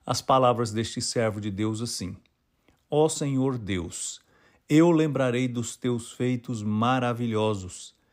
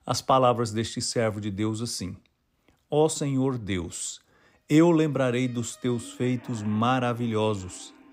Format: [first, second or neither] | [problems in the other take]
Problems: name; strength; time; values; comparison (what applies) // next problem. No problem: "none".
first | alarms or sirens; faint; from 5 s on; 25 dB below the speech